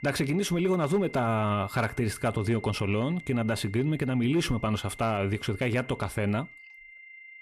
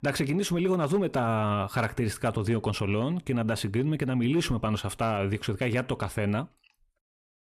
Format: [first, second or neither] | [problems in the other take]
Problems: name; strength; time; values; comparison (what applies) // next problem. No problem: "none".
second | high-pitched whine; noticeable; throughout; 2 kHz, 20 dB below the speech